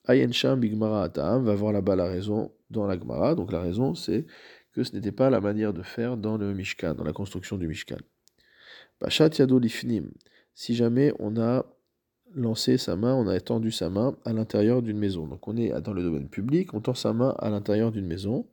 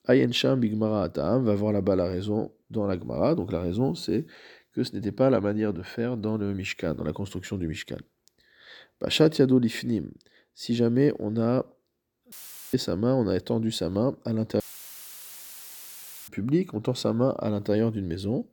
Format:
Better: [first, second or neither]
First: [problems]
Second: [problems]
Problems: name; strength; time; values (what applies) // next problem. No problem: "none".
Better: first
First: none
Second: audio cutting out; filled with static; at 12 s and at 15 s for 1.5 s